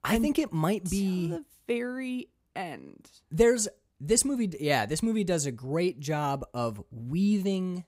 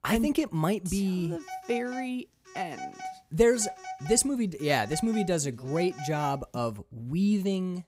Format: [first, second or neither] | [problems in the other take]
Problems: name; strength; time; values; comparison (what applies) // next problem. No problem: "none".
first | phone ringing; faint; from 1.5 to 6.5 s; peak 10 dB below the speech